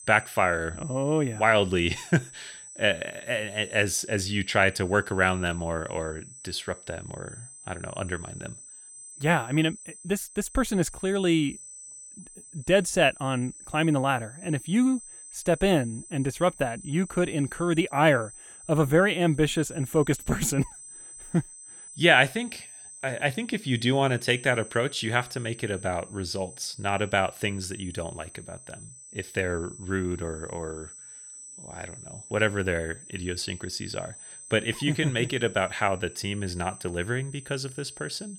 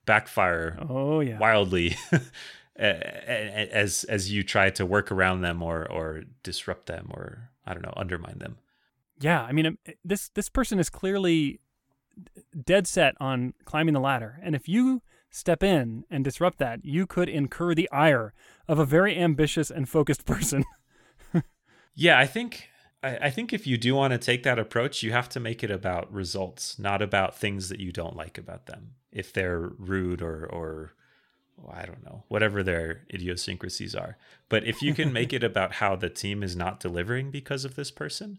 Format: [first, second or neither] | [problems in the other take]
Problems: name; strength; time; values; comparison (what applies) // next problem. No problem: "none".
second | high-pitched whine; noticeable; throughout; 8 kHz, 15 dB below the speech